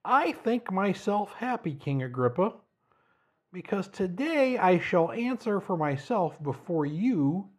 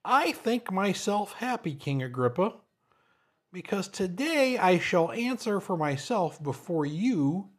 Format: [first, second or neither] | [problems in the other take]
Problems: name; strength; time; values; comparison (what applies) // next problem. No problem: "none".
second | muffled; slightly; fading above 3 kHz